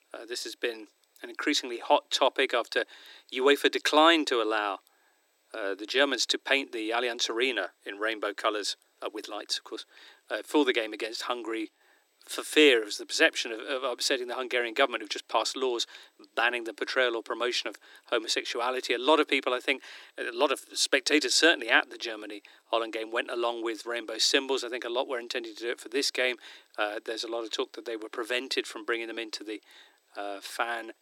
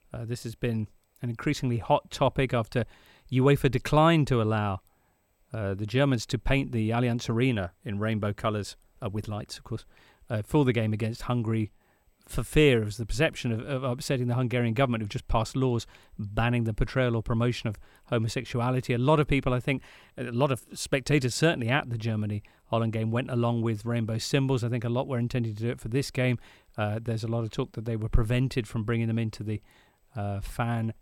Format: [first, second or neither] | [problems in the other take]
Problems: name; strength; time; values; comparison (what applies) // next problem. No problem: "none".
second | thin; very; fading below 300 Hz